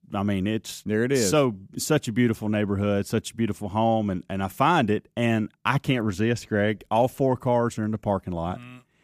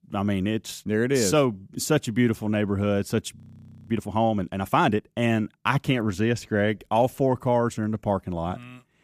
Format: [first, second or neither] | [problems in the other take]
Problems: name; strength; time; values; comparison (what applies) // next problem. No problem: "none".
first | audio freezing; at 3.5 s for 0.5 s